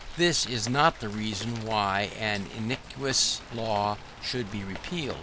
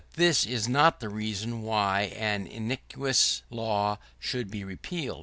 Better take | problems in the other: second | background sound (Rain); 13 dB below the speech

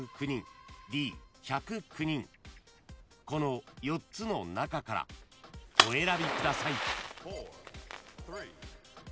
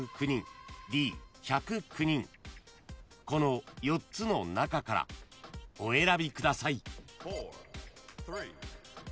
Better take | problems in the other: second | background sound (Fire); 3 dB above the speech

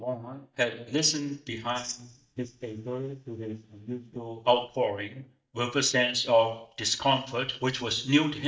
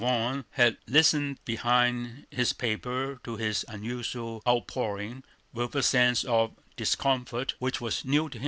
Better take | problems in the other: second | noise reduction (neural mask model DeepFilterNet 3)

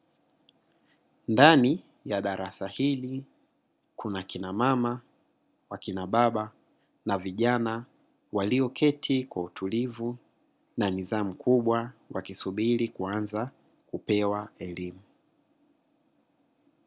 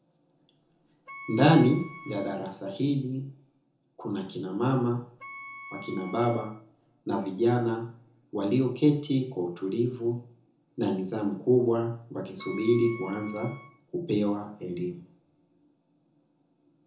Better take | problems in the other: first | background sound (Wind instrument, woodwind instrument); 18 dB below the speech // room echo; dies away in 0.6 s

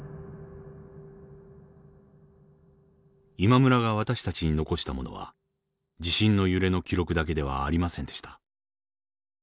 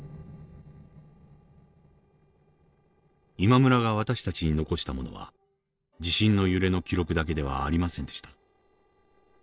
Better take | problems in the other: first | noise reduction (neural separator model SepFormer DNS4)

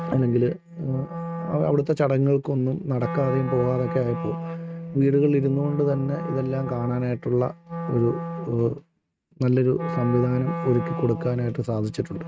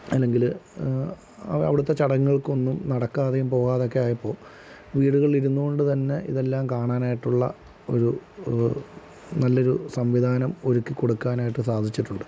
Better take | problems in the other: second | noise reduction (neural mask model RNNoise)

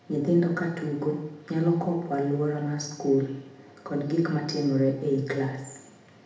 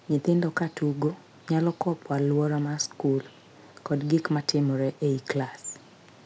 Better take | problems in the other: second | room echo; dies away in 0.8 s

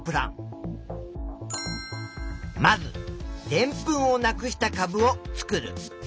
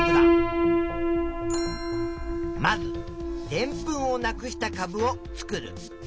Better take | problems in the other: first | background sound (Piano); 4 dB above the speech

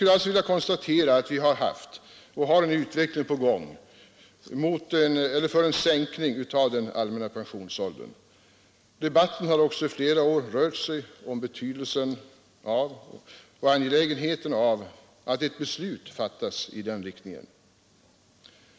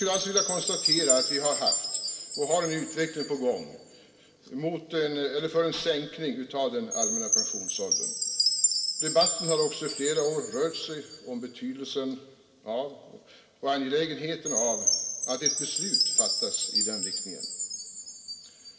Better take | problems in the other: first | background sound (Chime); as loud as the speech // room echo; dies away in 3 s

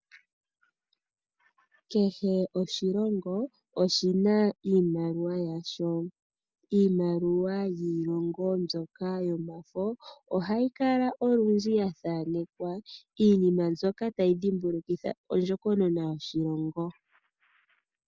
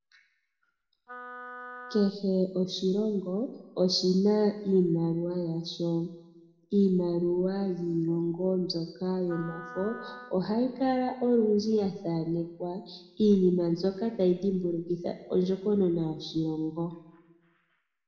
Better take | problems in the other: first | background sound (Wind instrument, woodwind instrument); 17 dB below the speech // room echo; dies away in 0.9 s

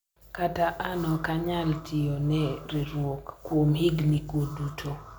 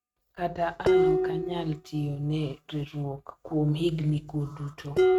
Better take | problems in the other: first | noise reduction (neural mask model RNNoise)

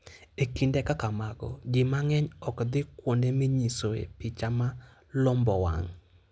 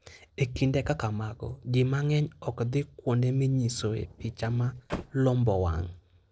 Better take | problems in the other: first | noise reduction (neural separator model SepFormer DNS4)

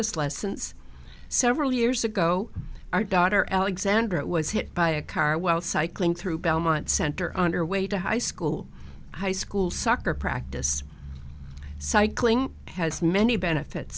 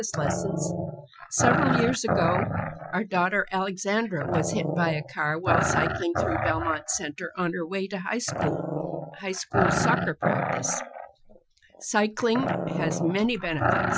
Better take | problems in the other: first | noise reduction (classical method Wiener filter)

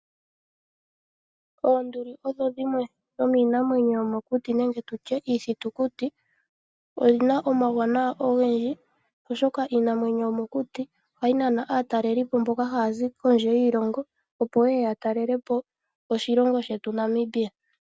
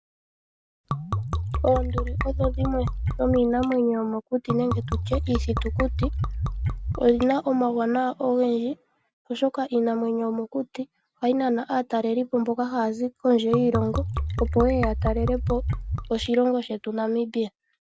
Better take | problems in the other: first | background sound (Liquid); 2 dB below the speech

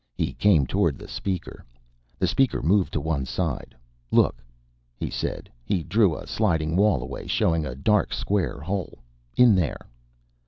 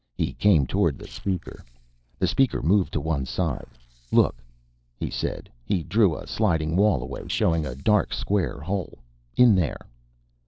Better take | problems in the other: first | noise reduction (neural separator model SepFormer DNS4)

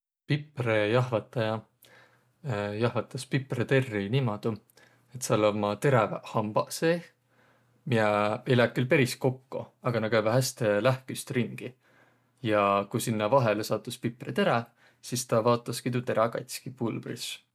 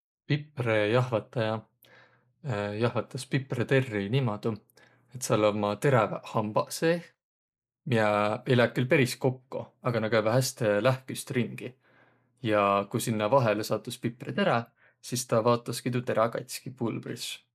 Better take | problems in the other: first | noise reduction (neural mask model Resemble Enhance denoiser)

